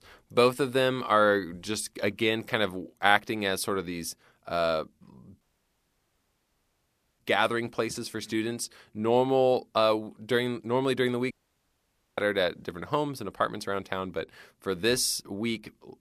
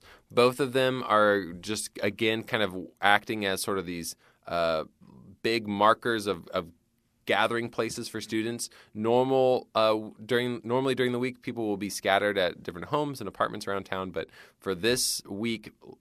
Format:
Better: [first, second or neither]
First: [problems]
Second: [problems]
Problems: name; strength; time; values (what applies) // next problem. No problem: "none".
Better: second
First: audio cutting out; at 5.5 s for 2 s and at 11 s for 1 s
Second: none